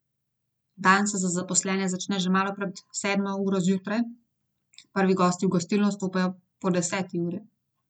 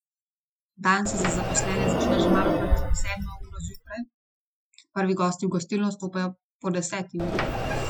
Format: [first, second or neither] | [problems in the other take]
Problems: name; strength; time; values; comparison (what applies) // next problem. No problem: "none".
first | noise reduction (classical method Wiener filter)